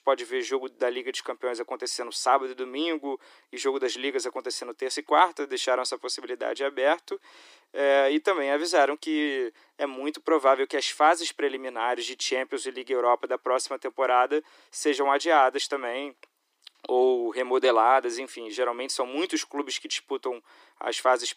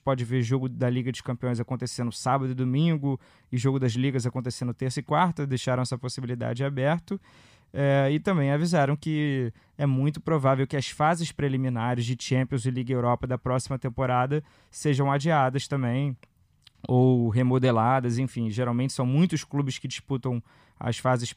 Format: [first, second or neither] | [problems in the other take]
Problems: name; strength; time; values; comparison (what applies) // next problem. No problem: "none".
second | thin; very; fading below 300 Hz